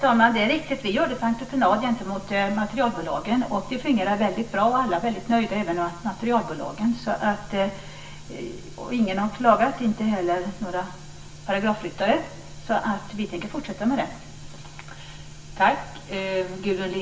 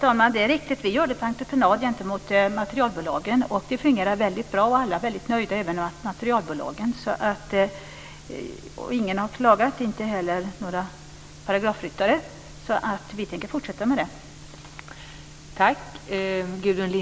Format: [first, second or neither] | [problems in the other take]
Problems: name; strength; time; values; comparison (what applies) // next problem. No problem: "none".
second | room echo; dies away in 0.6 s